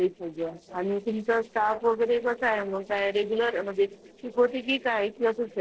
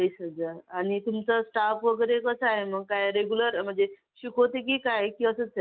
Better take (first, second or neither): second